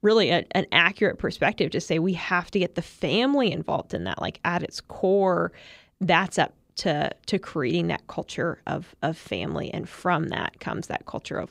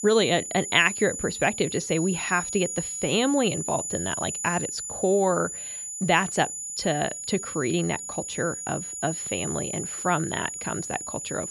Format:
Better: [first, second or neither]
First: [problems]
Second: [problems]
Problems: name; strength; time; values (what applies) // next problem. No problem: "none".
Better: first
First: none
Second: high-pitched whine; loud; throughout; 7 kHz, 5 dB below the speech